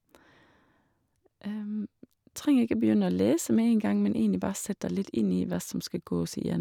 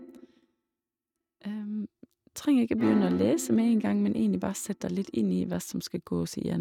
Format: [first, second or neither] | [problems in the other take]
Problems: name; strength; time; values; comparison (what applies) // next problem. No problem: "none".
first | noise reduction (neural mask model RNNoise)